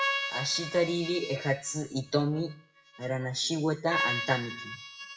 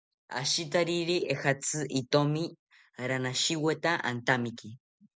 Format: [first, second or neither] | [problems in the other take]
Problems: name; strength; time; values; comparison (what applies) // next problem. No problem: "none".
second | noise reduction (classical method WPE with log-MMSE)